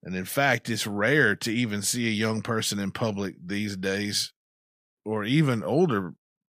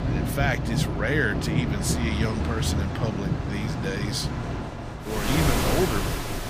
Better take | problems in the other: first | rain or running water; very loud; throughout; 2 dB above the speech

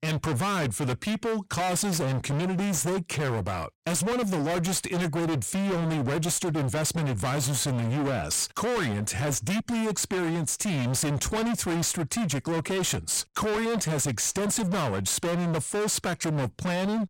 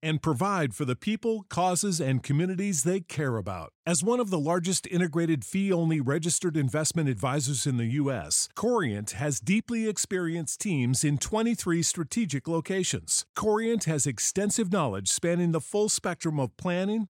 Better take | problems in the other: second | distortion; heavy; 48% of the sound clipped

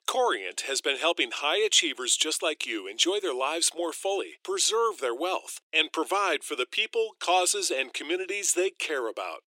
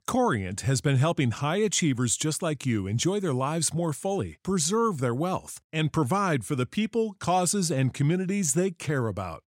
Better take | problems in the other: second | thin; very; fading below 350 Hz

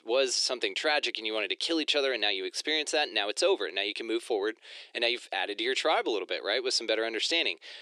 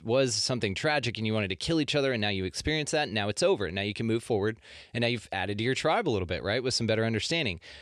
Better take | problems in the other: second | thin; very; fading below 350 Hz

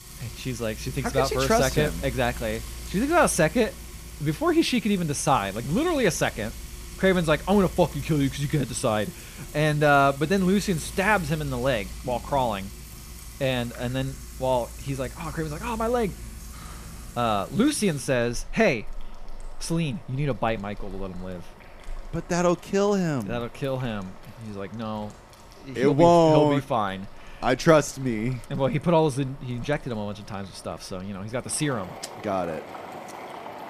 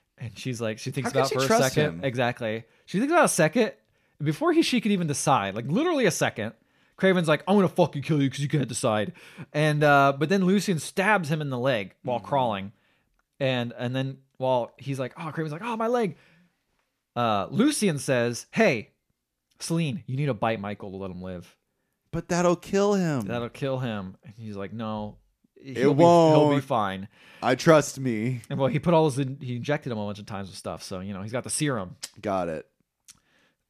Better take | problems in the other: second | household noises; noticeable; throughout; 15 dB below the speech

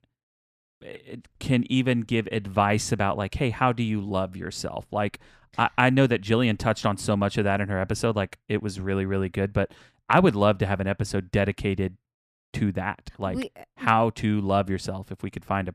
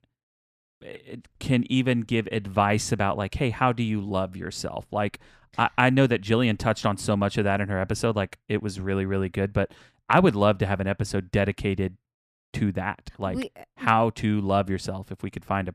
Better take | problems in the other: neither | none

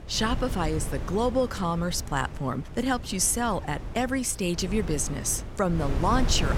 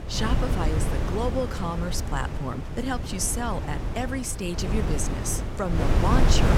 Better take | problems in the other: first | wind noise on the microphone; heavy; 4 dB below the speech; occasional gusts in the first

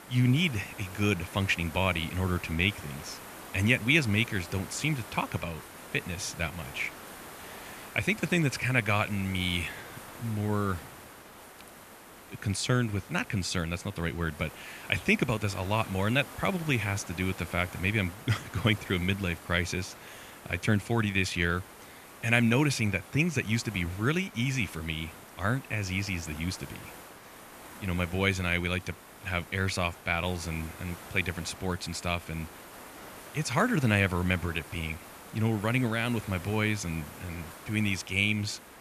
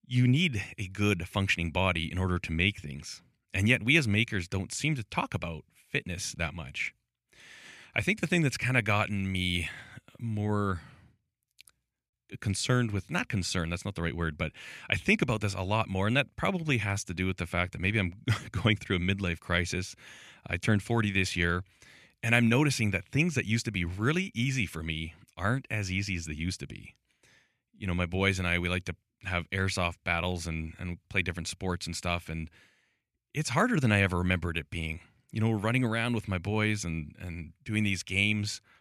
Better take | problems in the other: second | hiss; noticeable; throughout; 15 dB below the speech

